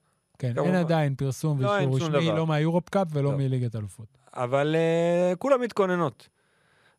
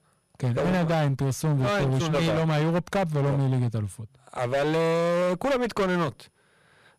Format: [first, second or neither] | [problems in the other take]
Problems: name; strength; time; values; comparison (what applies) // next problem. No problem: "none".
first | distortion; heavy; 28% of the sound clipped